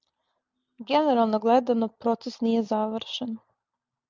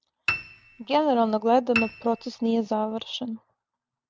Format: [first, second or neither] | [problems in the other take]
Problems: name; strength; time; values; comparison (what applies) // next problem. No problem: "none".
first | background sound (Piano); 9 dB below the speech